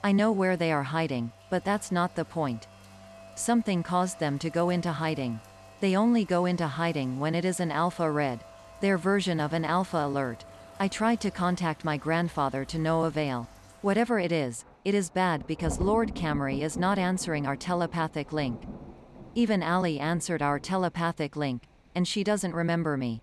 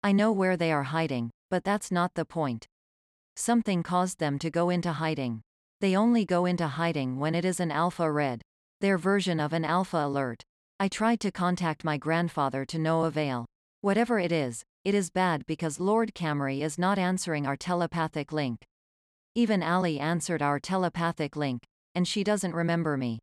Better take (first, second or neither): second